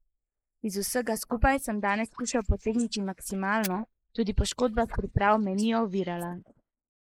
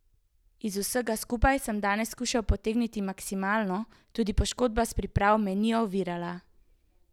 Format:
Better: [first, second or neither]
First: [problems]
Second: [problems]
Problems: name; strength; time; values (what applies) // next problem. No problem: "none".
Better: second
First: noise reduction (neural mask model Resemble Enhance denoiser)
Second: none